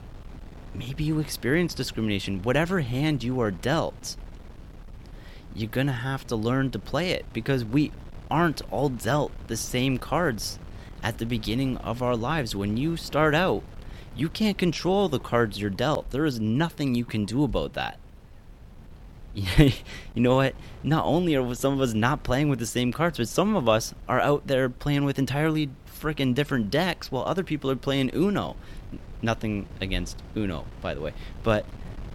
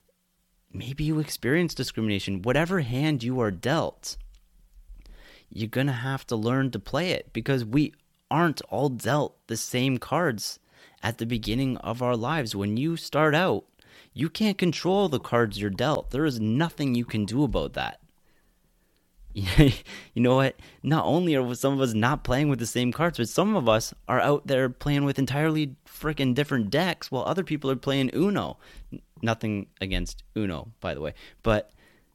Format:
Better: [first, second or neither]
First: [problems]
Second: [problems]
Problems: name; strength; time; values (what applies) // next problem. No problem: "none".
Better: second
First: wind noise on the microphone; occasional gusts; 25 dB below the speech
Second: none